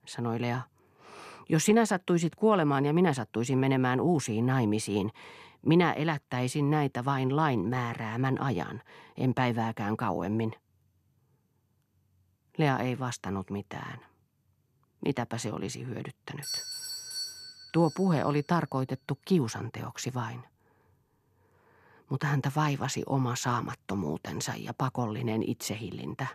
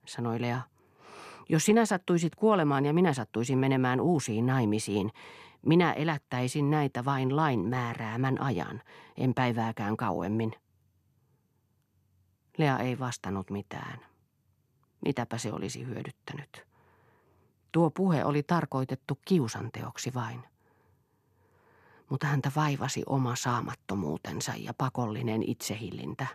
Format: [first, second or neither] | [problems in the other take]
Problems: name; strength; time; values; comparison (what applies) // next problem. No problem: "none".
second | doorbell; noticeable; from 16 to 18 s; peak 4 dB below the speech